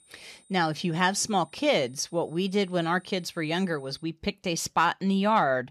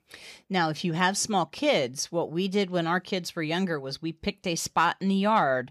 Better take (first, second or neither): second